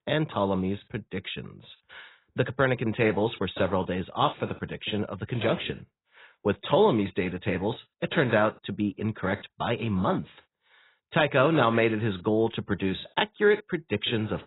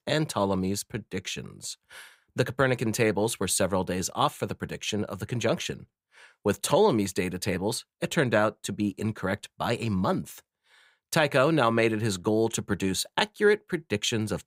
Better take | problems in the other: second | garbled, watery; badly; nothing above 4 kHz

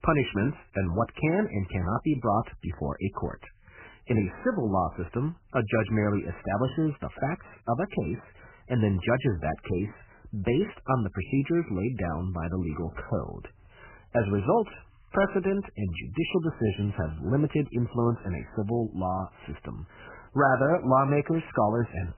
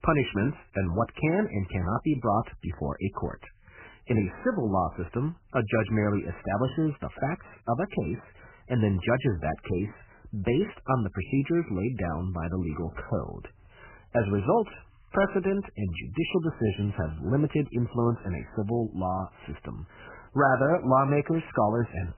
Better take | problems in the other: neither | garbled, watery; badly; nothing above 3 kHz; the same in both

